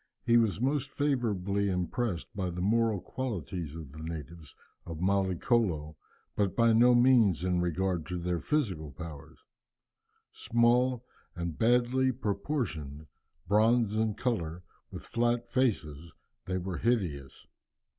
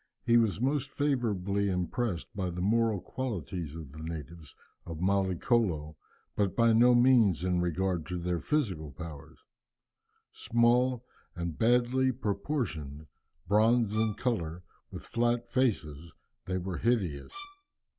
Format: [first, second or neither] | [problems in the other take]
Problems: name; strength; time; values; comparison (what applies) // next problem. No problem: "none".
first | background sound (Bowed string instrument); 18 dB below the speech